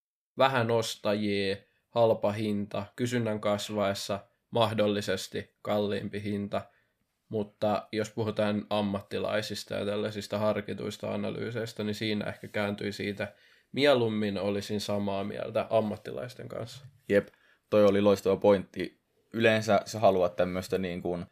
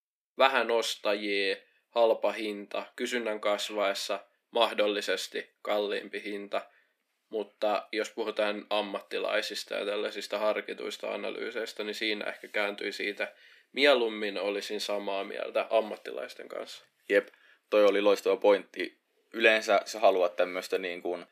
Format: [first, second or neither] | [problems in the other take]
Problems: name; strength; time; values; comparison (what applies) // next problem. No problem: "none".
first | thin; somewhat; fading below 300 Hz